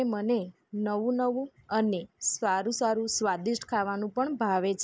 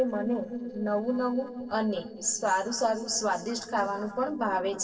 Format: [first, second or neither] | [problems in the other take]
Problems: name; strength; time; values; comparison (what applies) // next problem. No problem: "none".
first | noise reduction (neural separator model SepFormer DNS4)